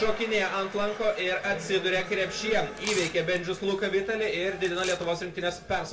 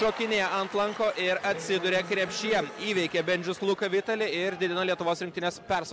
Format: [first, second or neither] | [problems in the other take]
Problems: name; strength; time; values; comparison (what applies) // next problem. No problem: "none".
second | background sound (Tearing); 16 dB below the speech // room echo; dies away in 0.3 s